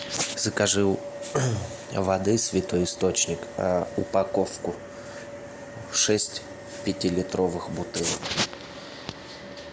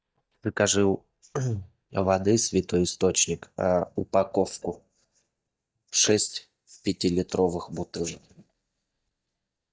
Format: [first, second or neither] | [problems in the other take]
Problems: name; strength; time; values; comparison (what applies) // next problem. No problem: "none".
first | noise reduction (neural mask model DeepFilterNet 3)